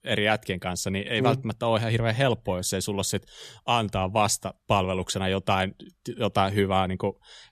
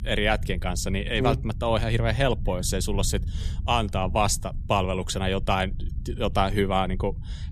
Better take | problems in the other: first | low rumble; faint; throughout; 25 dB below the speech

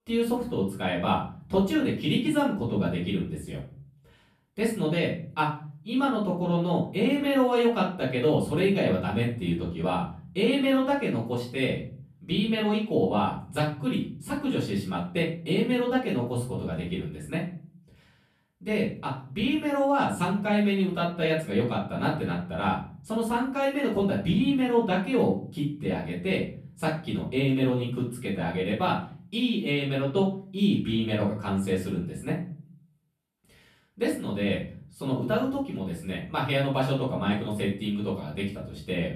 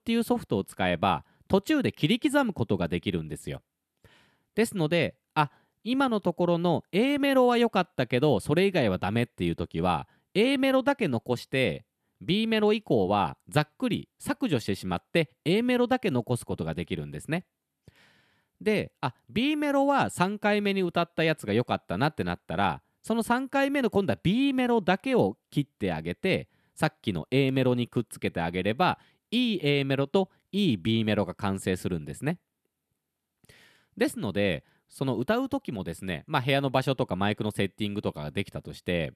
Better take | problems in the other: second | room echo; slight; dies away in 0.4 s // off-mic speech; far

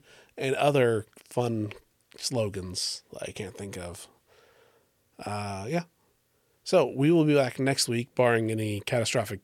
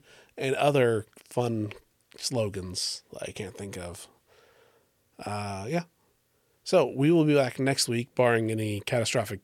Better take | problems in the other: neither | none

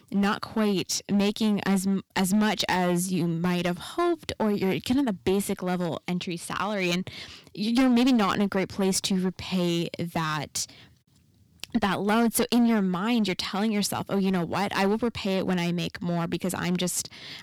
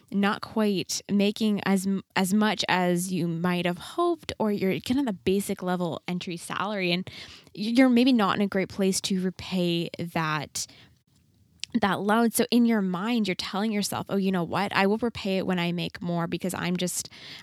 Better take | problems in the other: second | distortion; slight; 7% of the sound clipped

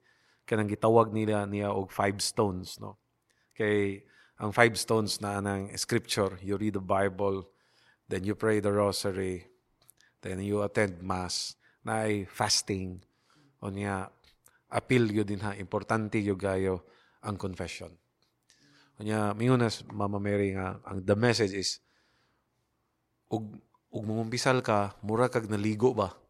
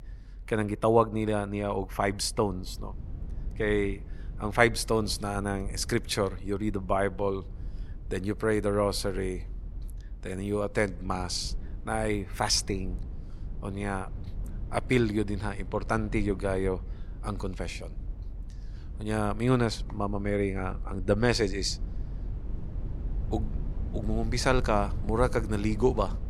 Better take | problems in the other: first | low rumble; faint; throughout; 25 dB below the speech

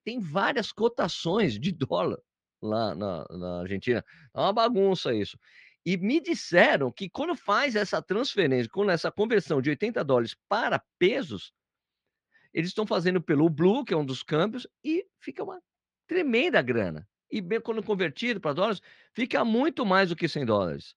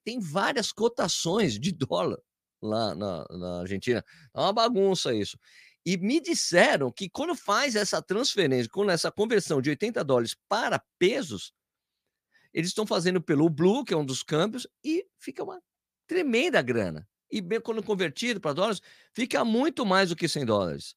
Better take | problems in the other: second | muffled; slightly; fading above 3 kHz

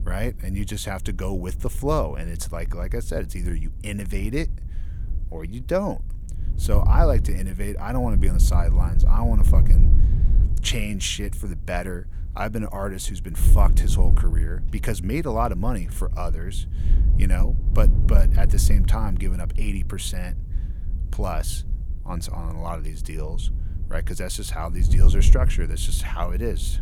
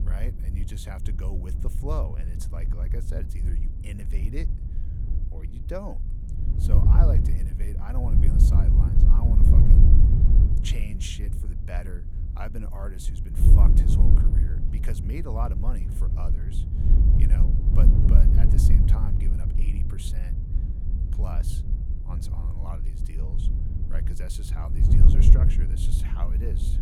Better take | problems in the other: first | wind noise on the microphone; heavy; 1 dB above the speech; occasional gusts in the first

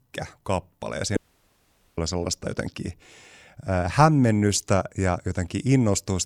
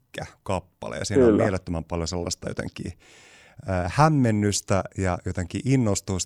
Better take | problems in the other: second | audio cutting out; at 1 s for 1 s

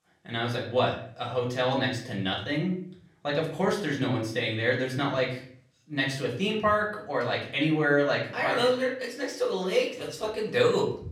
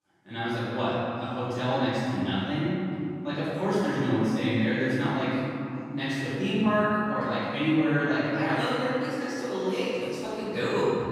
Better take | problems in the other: first | room echo; strong; dies away in 3 s; slight in the first // off-mic speech; far; far in the first

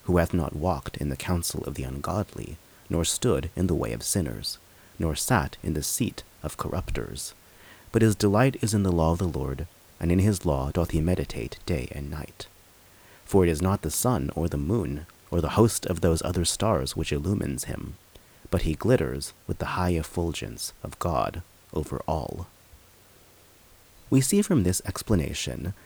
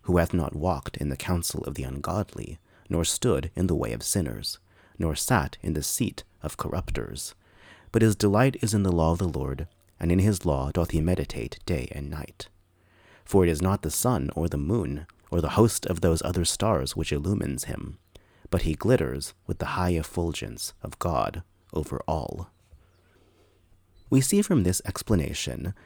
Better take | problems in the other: second | hiss; faint; throughout; 25 dB below the speech

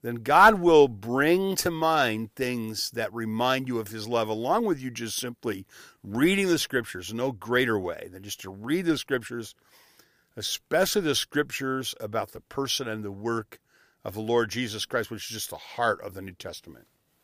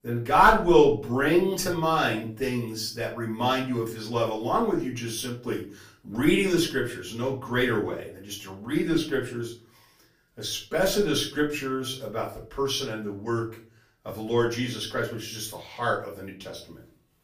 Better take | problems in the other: first | room echo; slight; dies away in 0.4 s // off-mic speech; far

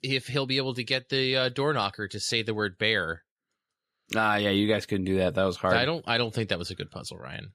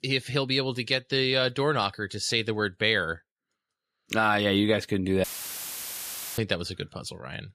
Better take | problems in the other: first | audio cutting out; filled with static; at 5 s for 1 s

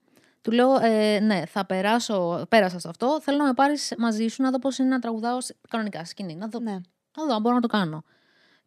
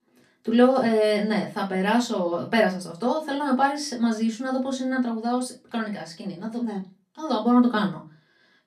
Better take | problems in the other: first | off-mic speech; far // room echo; very slight; dies away in 0.2 s

